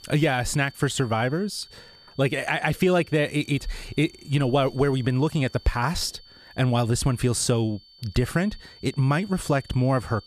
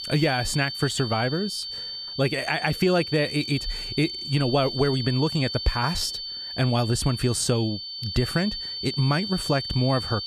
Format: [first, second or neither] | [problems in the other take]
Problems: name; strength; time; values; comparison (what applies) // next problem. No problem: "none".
first | high-pitched whine; loud; throughout; 4.5 kHz, 6 dB below the speech; faint in the first